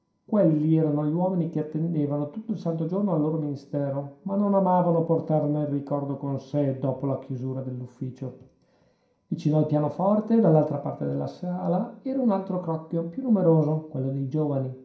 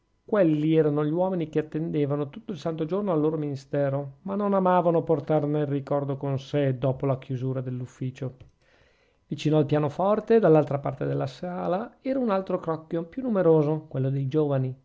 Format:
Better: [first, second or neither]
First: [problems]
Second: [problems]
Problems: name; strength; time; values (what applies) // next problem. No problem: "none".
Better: second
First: room echo; dies away in 0.5 s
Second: none